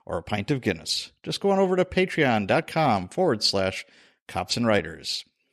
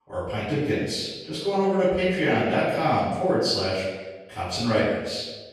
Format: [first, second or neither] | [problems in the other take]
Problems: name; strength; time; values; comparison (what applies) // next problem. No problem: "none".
first | off-mic speech; far // room echo; strong; dies away in 1.1 s